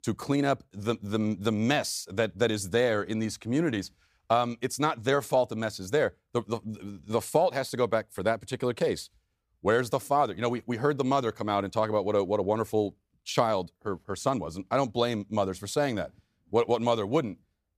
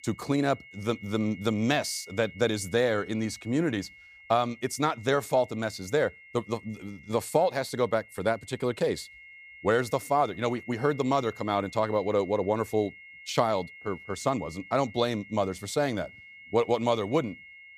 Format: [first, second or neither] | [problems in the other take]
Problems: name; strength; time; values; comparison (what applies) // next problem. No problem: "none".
first | high-pitched whine; noticeable; throughout; 2 kHz, 20 dB below the speech